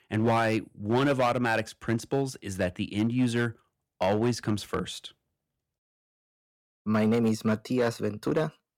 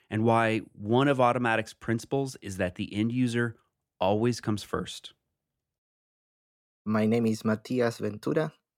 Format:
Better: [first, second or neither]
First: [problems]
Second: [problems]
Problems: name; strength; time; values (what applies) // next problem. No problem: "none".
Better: second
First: distortion; slight; 4% of the sound clipped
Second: none